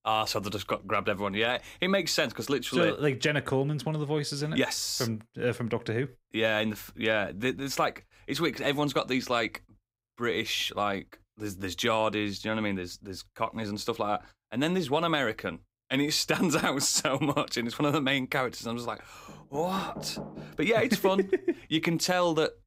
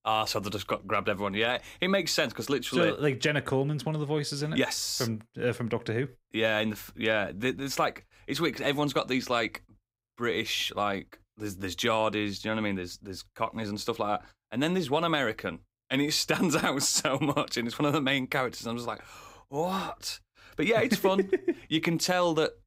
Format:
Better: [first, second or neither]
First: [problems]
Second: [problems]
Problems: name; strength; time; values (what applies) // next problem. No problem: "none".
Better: second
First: door banging; faint; from 19 to 21 s; peak 10 dB below the speech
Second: none